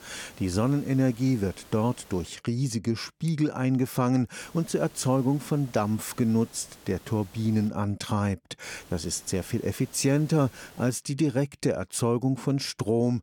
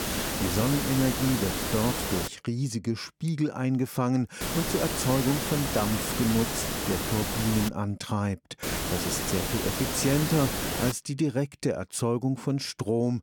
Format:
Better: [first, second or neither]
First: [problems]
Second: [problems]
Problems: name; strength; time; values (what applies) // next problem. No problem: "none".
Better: first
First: hiss; faint; until 2.5 s, from 4.5 to 7.5 s and from 8.5 to 11 s; 25 dB below the speech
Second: hiss; loud; until 2.5 s, from 4.5 to 7.5 s and from 8.5 to 11 s; 1 dB below the speech